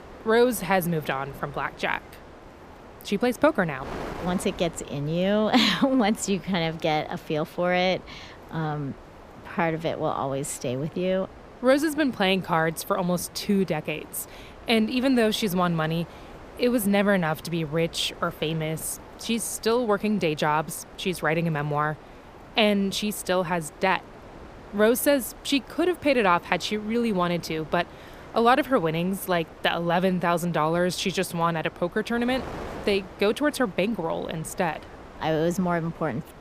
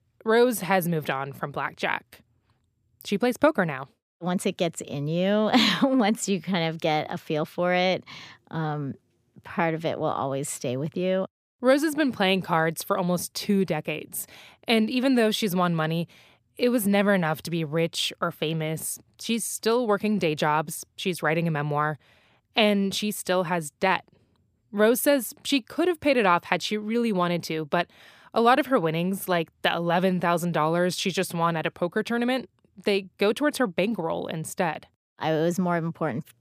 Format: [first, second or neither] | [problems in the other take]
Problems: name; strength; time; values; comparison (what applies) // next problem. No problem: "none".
second | wind noise on the microphone; occasional gusts; 20 dB below the speech